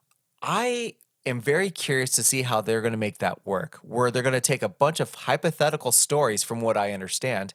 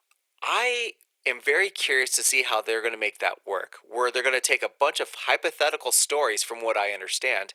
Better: first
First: none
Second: thin; very; fading below 350 Hz

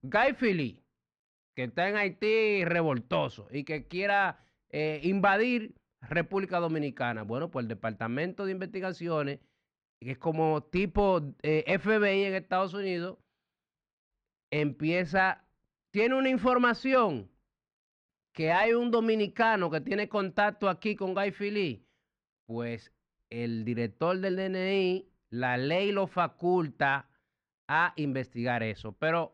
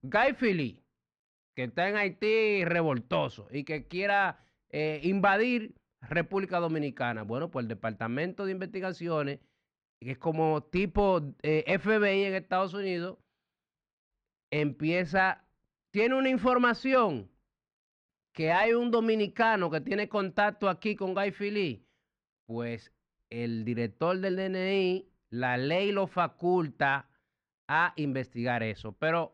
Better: neither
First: muffled; very; fading above 2 kHz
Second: muffled; very; fading above 2 kHz

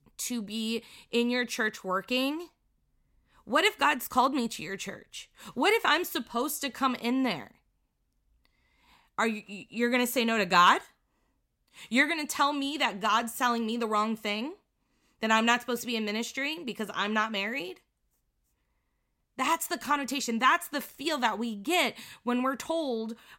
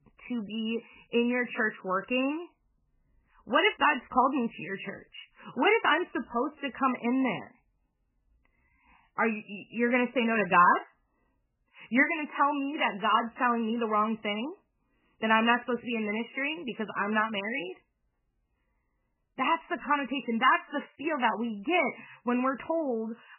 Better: first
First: none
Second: garbled, watery; badly; nothing above 3 kHz

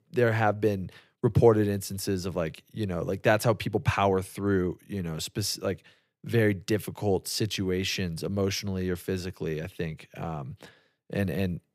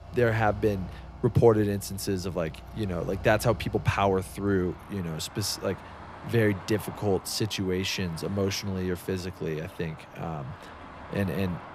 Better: first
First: none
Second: traffic noise; noticeable; throughout; 15 dB below the speech

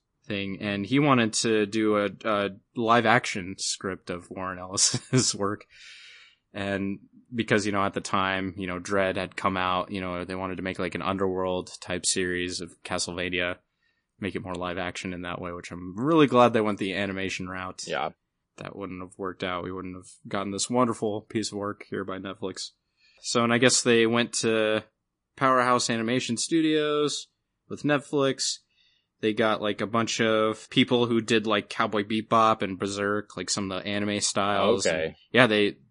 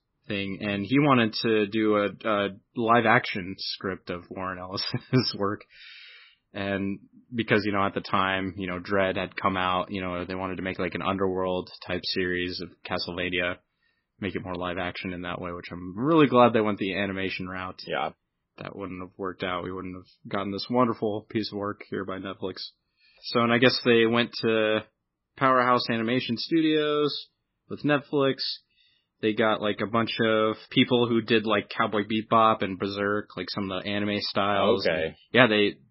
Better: first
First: garbled, watery; slightly; nothing above 10 kHz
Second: garbled, watery; badly; nothing above 5.5 kHz

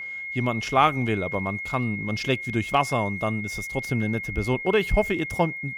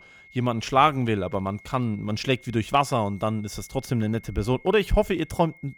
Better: second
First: high-pitched whine; loud; throughout; 2 kHz, 6 dB below the speech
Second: high-pitched whine; faint; throughout; 2 kHz, 25 dB below the speech

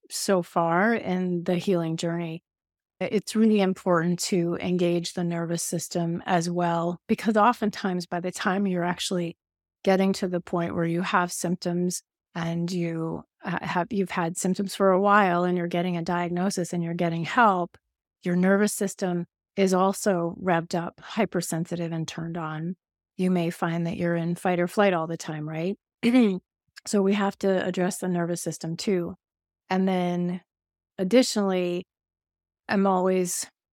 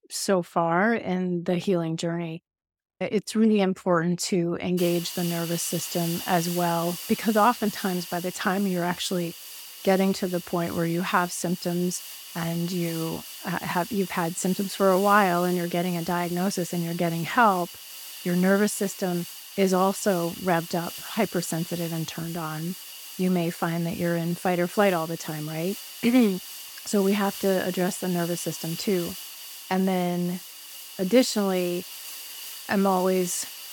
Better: first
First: none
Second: hiss; noticeable; from 5 s on; 10 dB below the speech

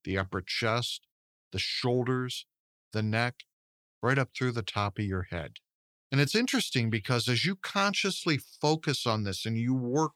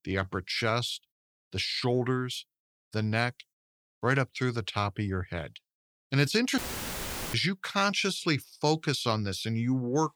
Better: first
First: none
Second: audio cutting out; filled with static; at 6.5 s for 1 s

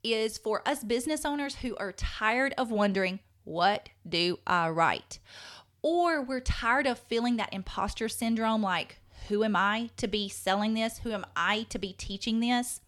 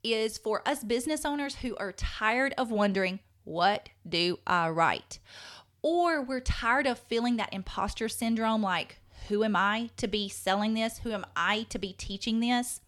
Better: neither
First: none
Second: none

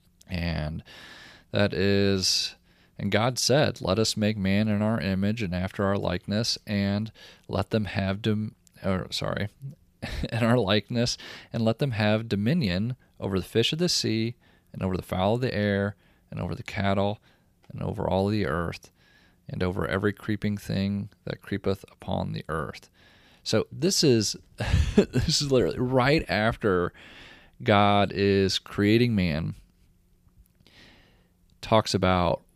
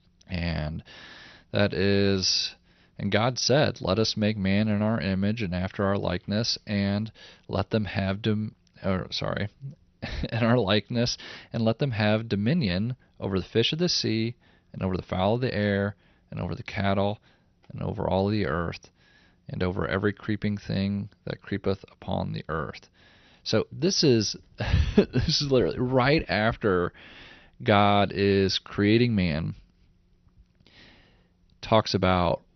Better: first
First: none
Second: garbled, watery; slightly; nothing above 6 kHz

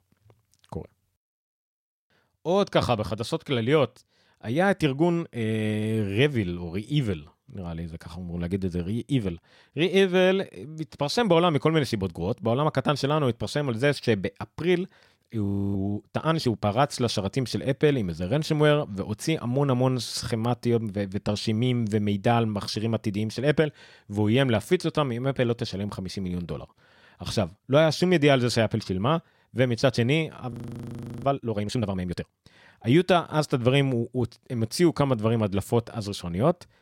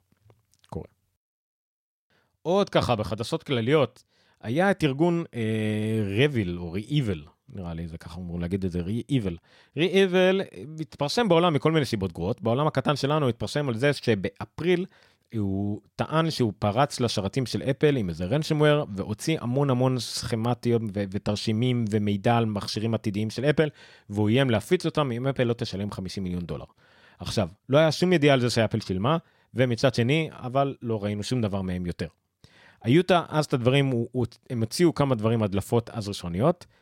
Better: second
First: audio freezing; at 15 s and at 31 s for 0.5 s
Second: none

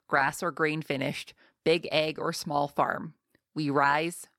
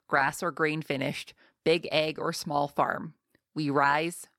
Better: neither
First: none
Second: none

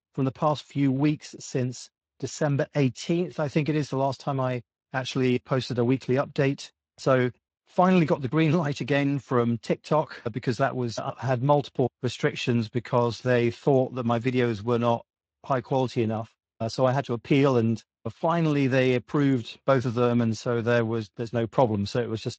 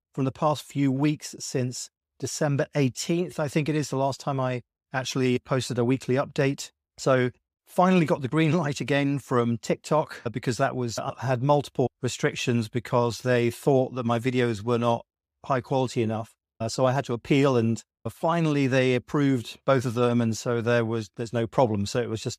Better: second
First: garbled, watery; slightly; nothing above 7.5 kHz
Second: none

